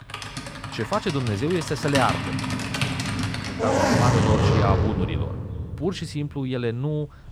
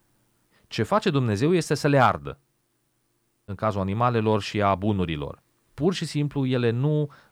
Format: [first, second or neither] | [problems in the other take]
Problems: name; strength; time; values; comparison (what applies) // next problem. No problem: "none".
second | household noises; very loud; throughout; 2 dB above the speech